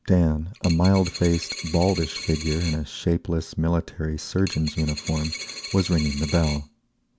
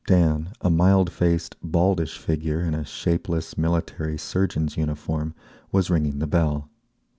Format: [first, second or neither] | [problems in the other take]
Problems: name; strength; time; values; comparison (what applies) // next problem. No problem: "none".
second | background sound (Coin (dropping)); 11 dB below the speech